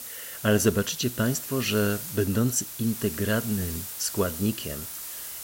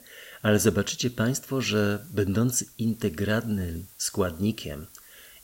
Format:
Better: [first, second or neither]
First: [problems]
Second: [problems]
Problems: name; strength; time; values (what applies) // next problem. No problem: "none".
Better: second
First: hiss; loud; throughout; 8 dB below the speech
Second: hiss; faint; throughout; 25 dB below the speech